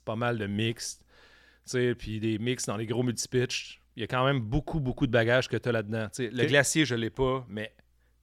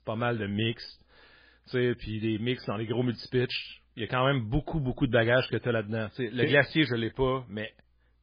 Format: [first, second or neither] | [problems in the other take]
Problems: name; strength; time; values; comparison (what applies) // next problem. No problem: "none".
first | garbled, watery; badly; nothing above 5 kHz